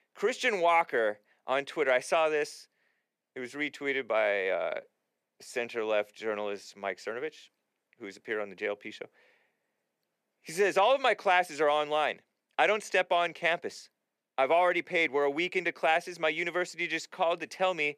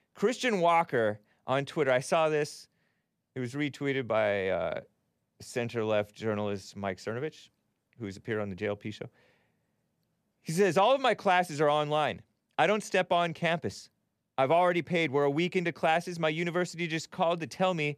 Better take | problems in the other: second | thin; somewhat; fading below 400 Hz

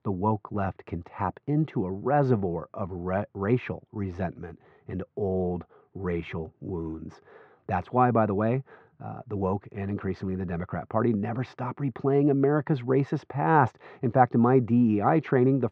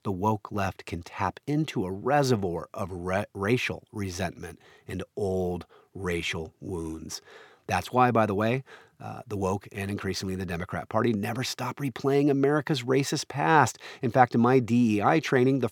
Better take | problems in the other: second | muffled; very; fading above 1.5 kHz

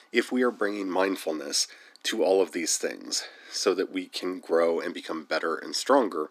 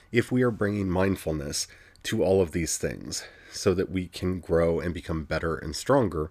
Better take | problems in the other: second | thin; very slightly; fading below 250 Hz

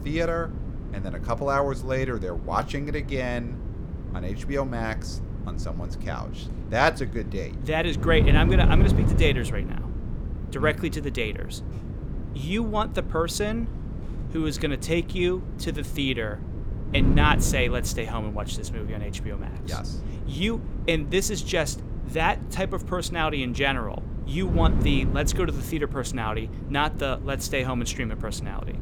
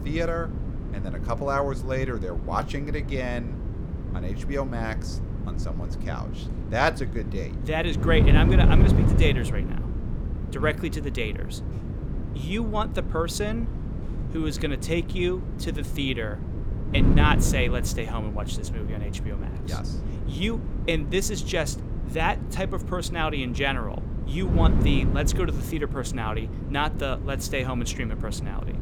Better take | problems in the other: first | wind noise on the microphone; heavy; 9 dB below the speech; occasional gusts in the first

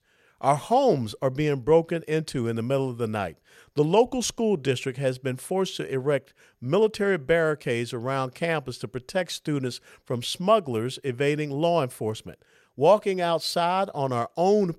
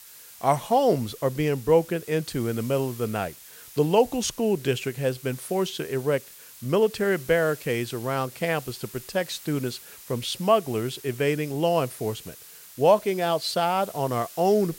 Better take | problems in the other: first | hiss; noticeable; throughout; 15 dB below the speech

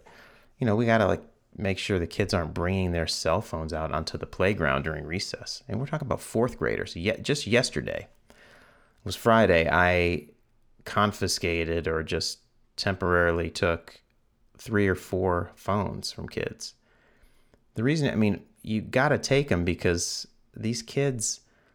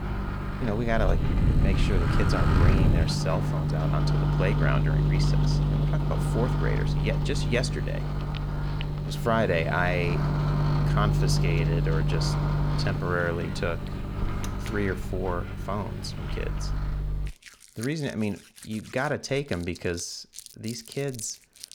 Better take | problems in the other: first | household noises; very loud; throughout; 4 dB above the speech

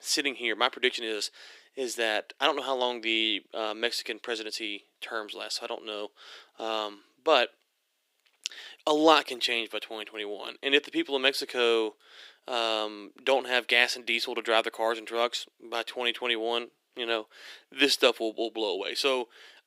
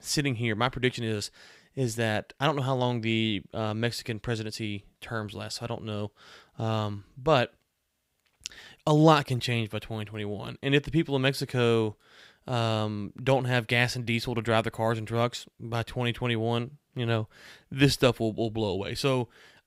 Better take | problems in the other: second | thin; somewhat; fading below 300 Hz

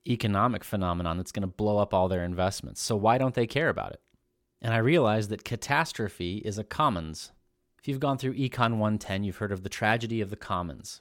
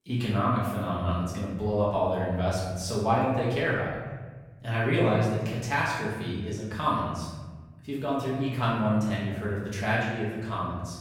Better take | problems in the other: first | room echo; noticeable; dies away in 1.4 s // off-mic speech; far

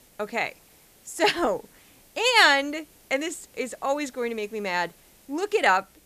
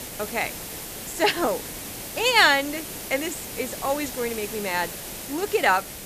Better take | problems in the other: first | hiss; loud; throughout; 9 dB below the speech; faint in the first

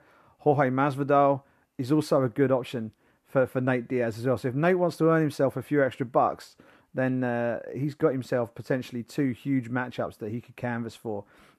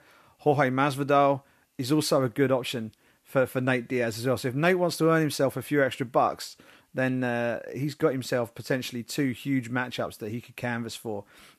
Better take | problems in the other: second | muffled; slightly; fading above 2 kHz

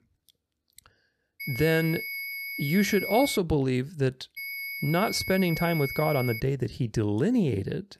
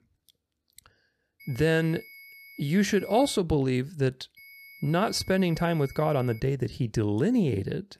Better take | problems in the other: second | high-pitched whine; loud; from 1.5 to 3.5 s and from 4.5 to 6.5 s; 2 kHz, 7 dB below the speech; faint in the second

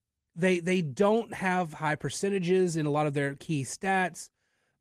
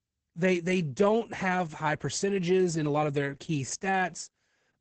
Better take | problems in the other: first | garbled, watery; badly; nothing above 8 kHz; slightly in the first

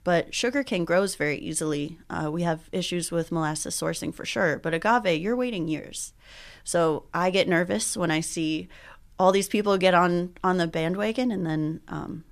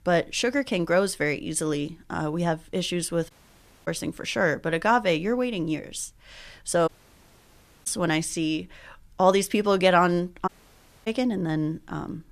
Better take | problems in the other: first | audio cutting out; at 3.5 s for 0.5 s, at 7 s for 1 s and at 10 s for 0.5 s

